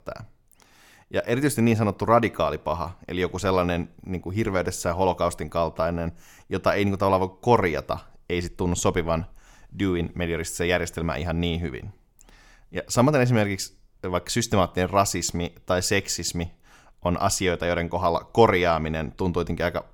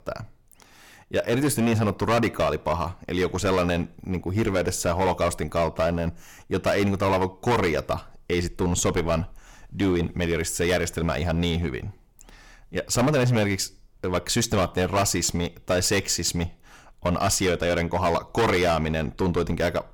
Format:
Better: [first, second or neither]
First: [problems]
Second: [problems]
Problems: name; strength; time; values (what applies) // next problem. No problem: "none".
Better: first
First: none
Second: distortion; heavy; 10% of the sound clipped